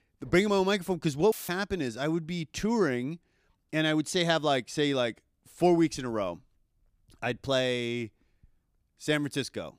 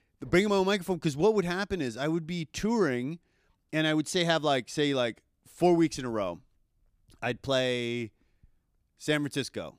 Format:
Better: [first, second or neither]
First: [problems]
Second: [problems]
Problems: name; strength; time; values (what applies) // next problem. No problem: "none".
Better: second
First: audio cutting out; filled with static; at 1.5 s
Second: none